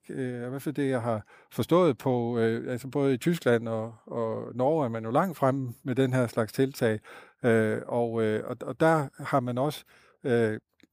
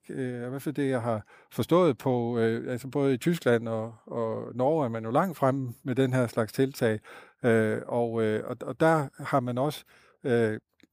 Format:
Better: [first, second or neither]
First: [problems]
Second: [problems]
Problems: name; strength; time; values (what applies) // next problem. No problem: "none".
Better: neither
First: none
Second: none